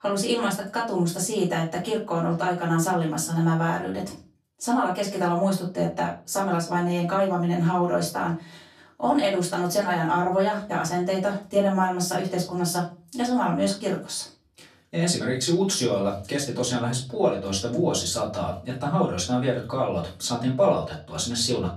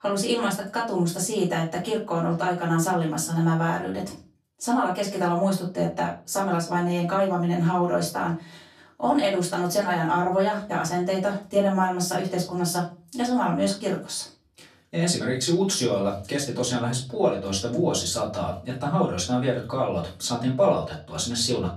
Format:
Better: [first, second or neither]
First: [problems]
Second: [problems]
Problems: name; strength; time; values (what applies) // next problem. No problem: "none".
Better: neither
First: room echo; slight; dies away in 0.3 s // off-mic speech; far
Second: room echo; slight; dies away in 0.3 s // off-mic speech; far